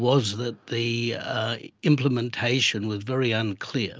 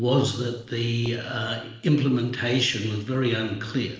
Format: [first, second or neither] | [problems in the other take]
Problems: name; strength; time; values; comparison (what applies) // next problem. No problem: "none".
first | noise reduction (neural separator model SepFormer DNS4)